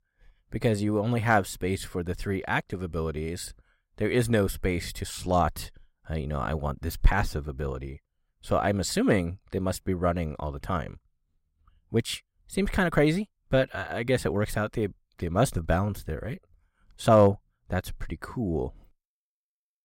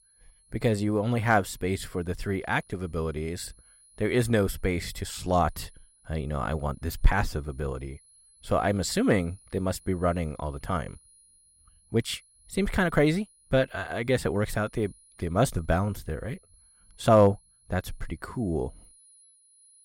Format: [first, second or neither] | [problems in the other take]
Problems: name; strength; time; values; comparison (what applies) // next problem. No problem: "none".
first | high-pitched whine; faint; throughout; 10.5 kHz, 30 dB below the speech